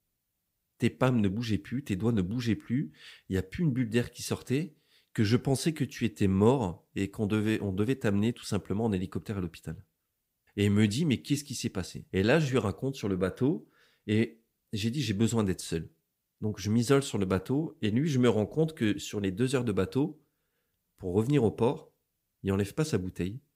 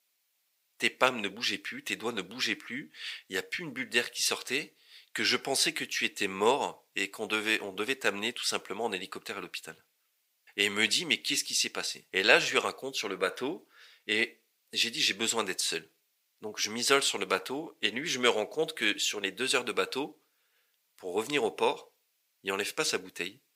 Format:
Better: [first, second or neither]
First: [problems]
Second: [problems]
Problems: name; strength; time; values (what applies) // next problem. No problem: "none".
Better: first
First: none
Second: thin; very; fading below 650 Hz